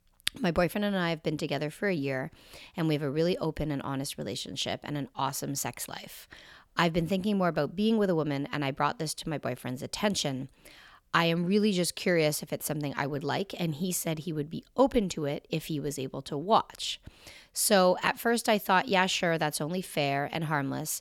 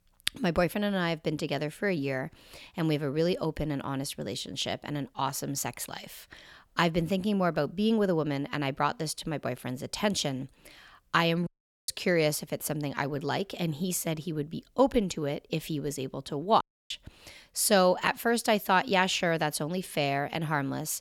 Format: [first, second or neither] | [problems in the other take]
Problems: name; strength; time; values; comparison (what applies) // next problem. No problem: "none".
first | audio cutting out; at 11 s and at 17 s